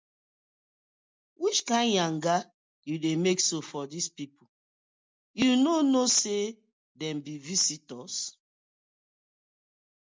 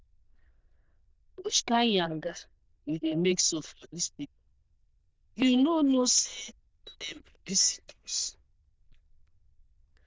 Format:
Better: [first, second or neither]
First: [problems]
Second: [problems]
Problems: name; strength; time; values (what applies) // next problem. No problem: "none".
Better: first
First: none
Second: noise reduction (neural diffusion model UNIVERSE++)